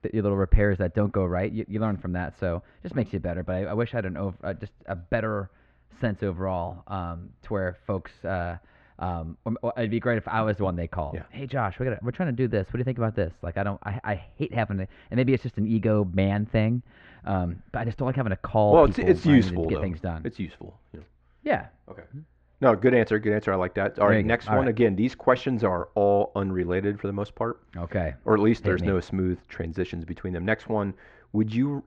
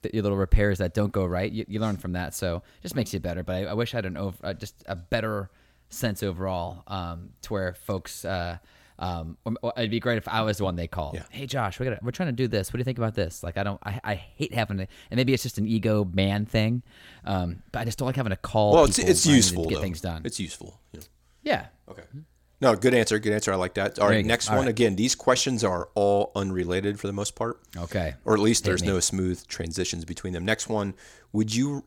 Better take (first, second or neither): second